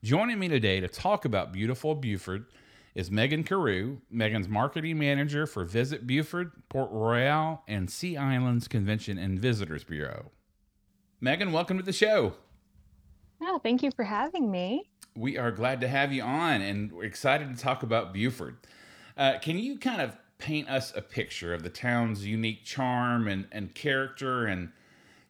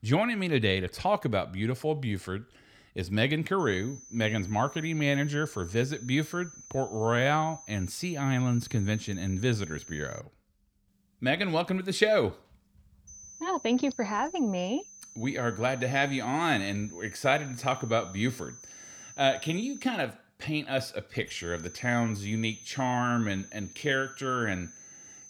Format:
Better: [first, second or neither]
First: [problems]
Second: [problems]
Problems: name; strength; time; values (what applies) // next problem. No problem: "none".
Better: first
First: none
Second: high-pitched whine; noticeable; from 3.5 to 10 s, from 13 to 20 s and from 21 s on; 6 kHz, 15 dB below the speech